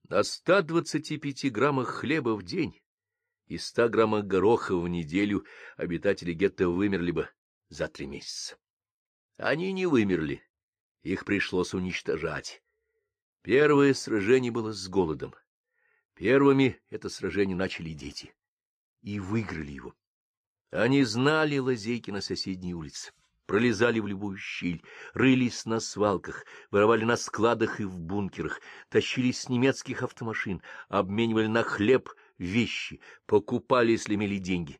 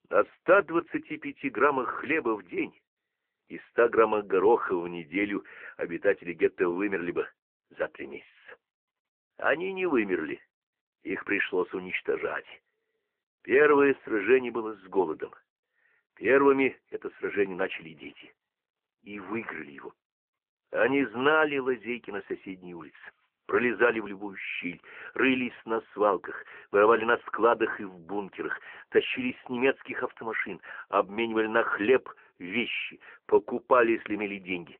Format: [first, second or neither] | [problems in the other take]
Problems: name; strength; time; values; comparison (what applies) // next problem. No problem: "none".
first | phone-call audio